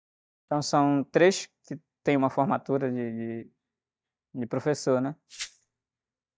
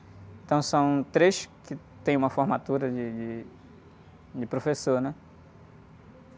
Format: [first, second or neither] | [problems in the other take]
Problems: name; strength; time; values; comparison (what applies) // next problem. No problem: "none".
second | noise reduction (neural mask model DeepFilterNet 3)